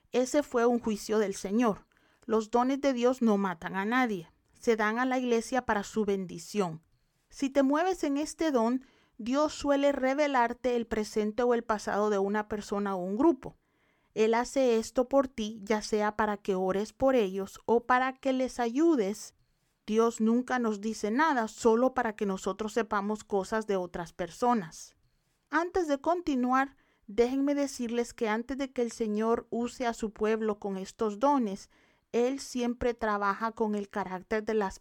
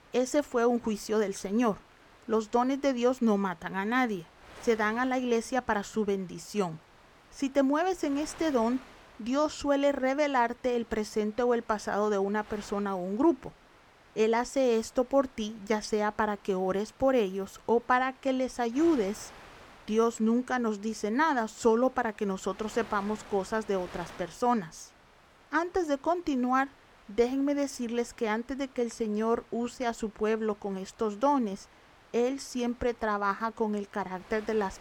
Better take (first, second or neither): first